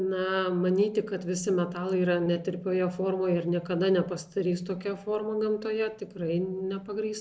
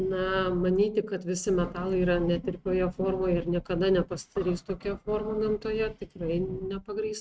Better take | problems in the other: first | noise reduction (neural mask model RNNoise)

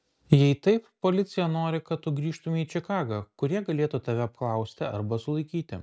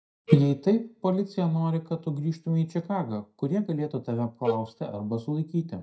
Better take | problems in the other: first | noise reduction (neural mask model DeepFilterNet 3)

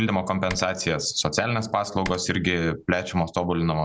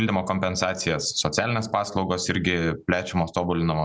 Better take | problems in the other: second | background sound (Typing); 18 dB below the speech

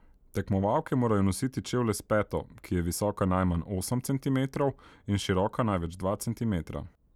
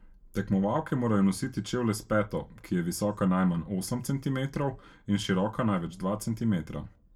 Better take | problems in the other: first | room echo; dies away in 0.2 s

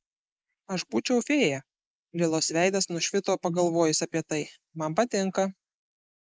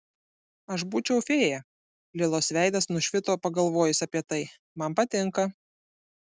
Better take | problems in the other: second | noise reduction (neural mask model Resemble Enhance denoiser)

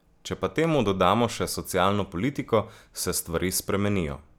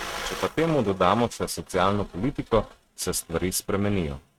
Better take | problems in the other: first | noise reduction (neural mask model RNNoise)

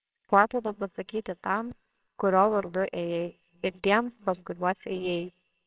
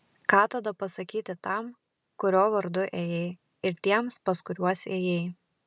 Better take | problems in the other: second | noise reduction (neural separator model SepFormer WHAMR!)

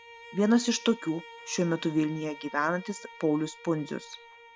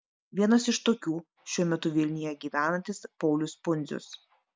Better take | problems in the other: second | background sound (Bowed string instrument); 18 dB below the speech

